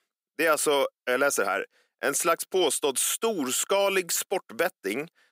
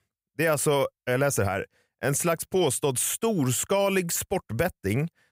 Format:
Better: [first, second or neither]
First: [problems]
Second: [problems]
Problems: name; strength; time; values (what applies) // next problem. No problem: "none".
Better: second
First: thin; somewhat; fading below 250 Hz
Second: none